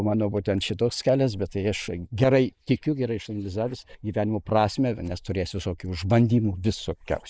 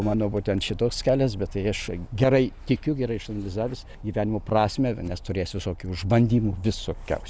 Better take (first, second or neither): second